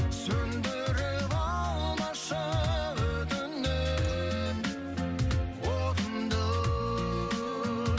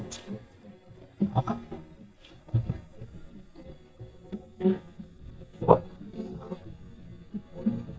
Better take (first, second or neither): first